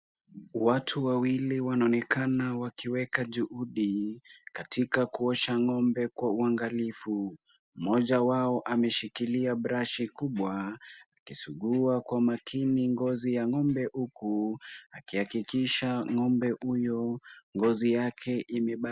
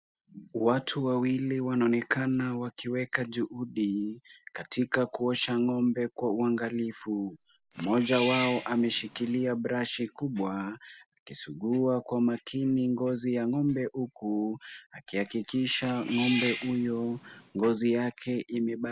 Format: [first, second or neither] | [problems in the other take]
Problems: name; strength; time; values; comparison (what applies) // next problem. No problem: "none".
first | background sound (Cat); 10 dB below the speech